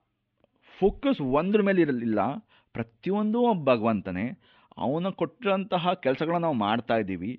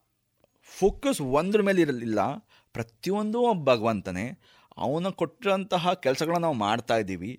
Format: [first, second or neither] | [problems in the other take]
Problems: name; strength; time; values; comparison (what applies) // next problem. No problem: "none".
second | muffled; very; fading above 3.5 kHz